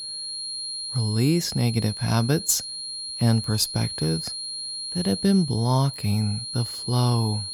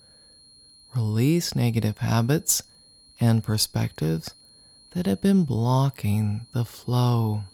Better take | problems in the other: second | high-pitched whine; loud; throughout; 4 kHz, 7 dB below the speech; faint in the second

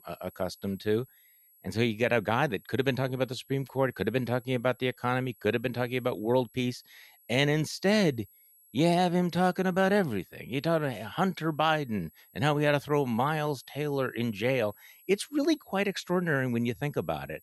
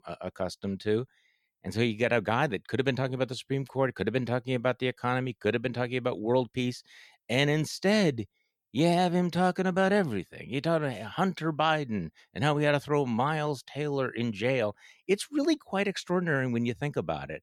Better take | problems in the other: second | high-pitched whine; faint; throughout; 11.5 kHz, 30 dB below the speech

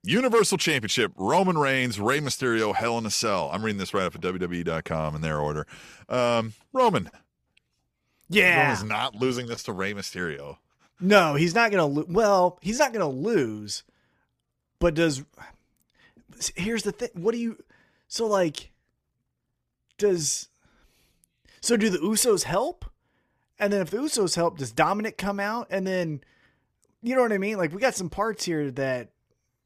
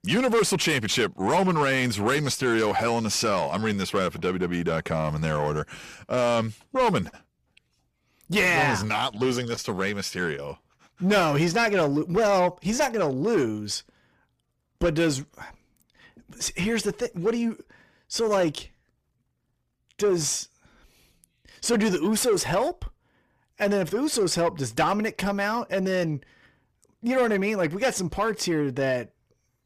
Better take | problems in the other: first | distortion; slight; 10 dB below the speech

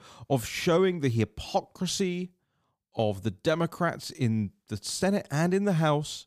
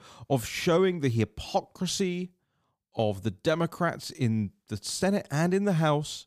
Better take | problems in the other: neither | none

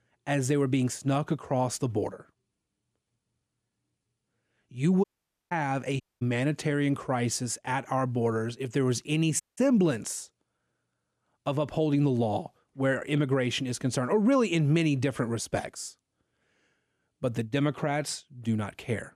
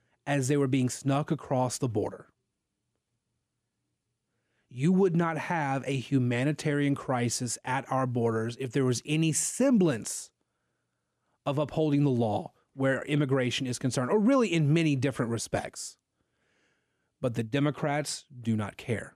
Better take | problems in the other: second | audio cutting out; at 5 s, at 6 s and at 9.5 s

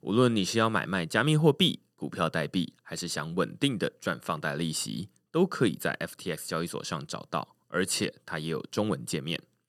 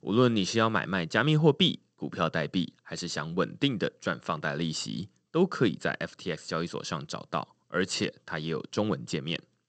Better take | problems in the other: first | garbled, watery; slightly; nothing above 8 kHz

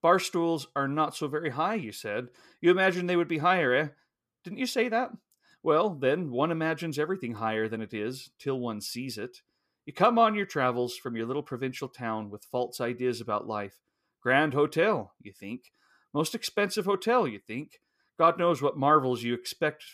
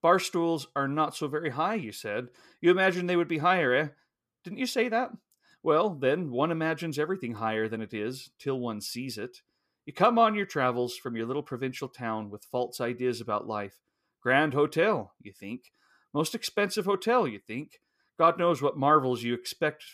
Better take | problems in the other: neither | none

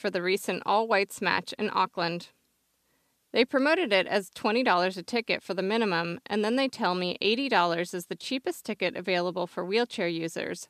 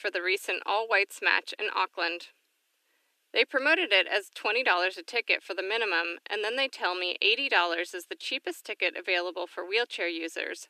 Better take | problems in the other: first | thin; very; fading below 300 Hz

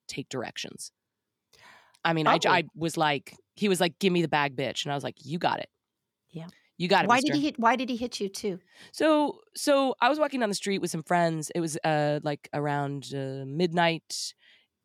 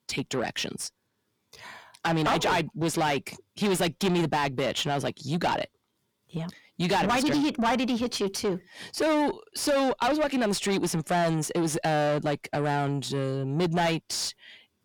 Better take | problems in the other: first | distortion; heavy; 6 dB below the speech

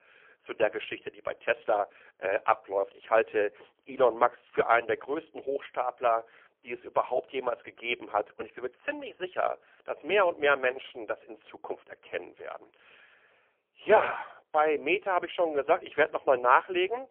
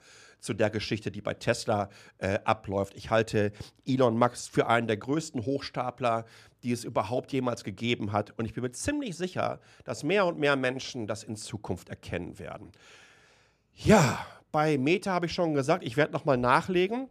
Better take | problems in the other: second | phone-call audio; poor line; nothing above 3 kHz

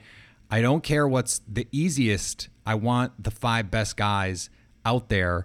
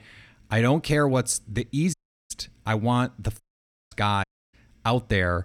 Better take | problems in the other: first | audio cutting out; at 2 s, at 3.5 s for 0.5 s and at 4 s

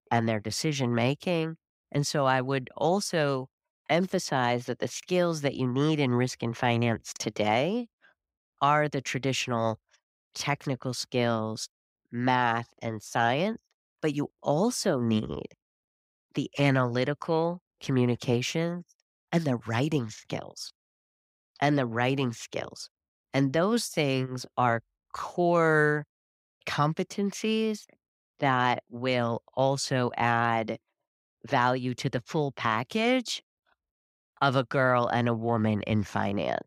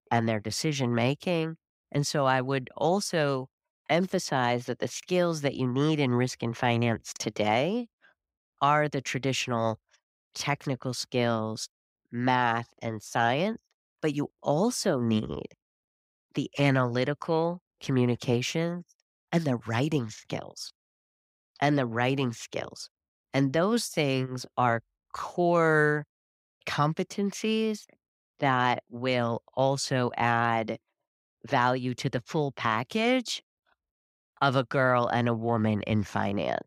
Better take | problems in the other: neither | none

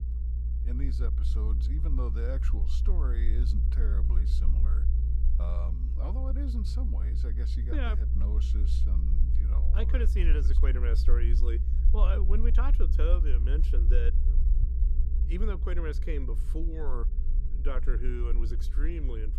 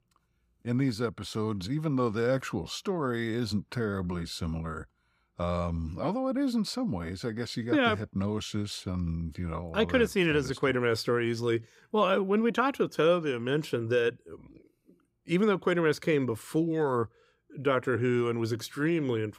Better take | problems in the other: second | low rumble; loud; throughout; 7 dB below the speech

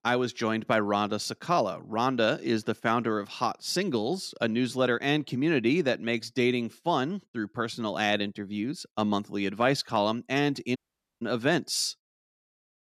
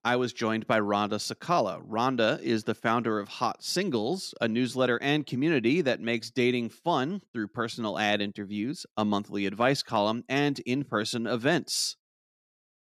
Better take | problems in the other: second | audio cutting out; at 11 s

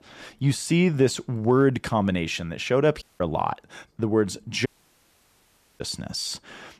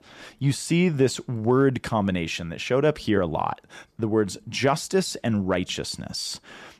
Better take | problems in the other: second | audio cutting out; at 3 s and at 4.5 s for 1 s

